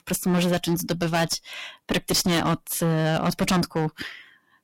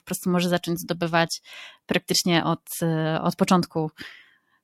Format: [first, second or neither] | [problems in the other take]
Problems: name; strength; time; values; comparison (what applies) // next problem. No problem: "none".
second | distortion; heavy; 18% of the sound clipped